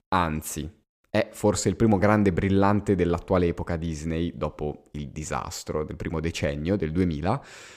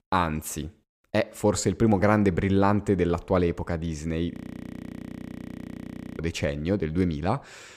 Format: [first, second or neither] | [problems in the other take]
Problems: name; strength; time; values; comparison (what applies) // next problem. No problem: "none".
first | audio freezing; at 4.5 s for 2 s